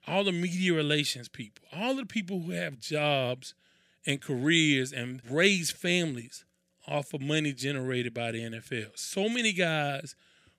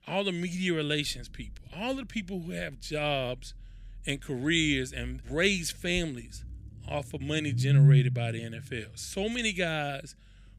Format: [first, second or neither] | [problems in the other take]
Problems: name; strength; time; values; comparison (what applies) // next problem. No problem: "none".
first | low rumble; loud; throughout; 4 dB below the speech